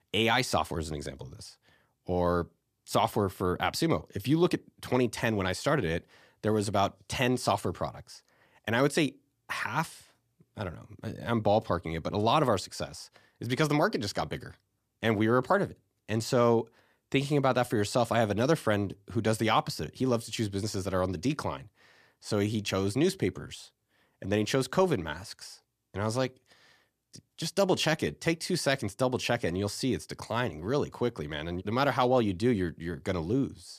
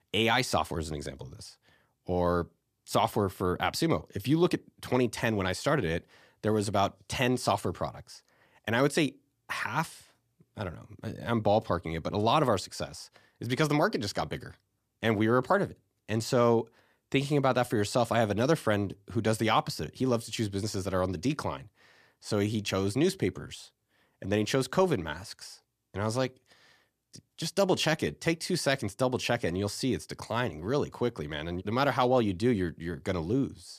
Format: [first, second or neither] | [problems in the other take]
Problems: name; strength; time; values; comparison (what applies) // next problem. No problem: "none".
neither | none